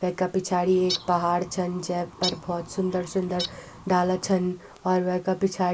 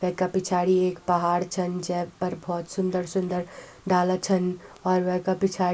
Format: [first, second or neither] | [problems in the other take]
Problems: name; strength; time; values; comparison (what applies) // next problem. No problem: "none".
second | background sound (Bird); 12 dB below the speech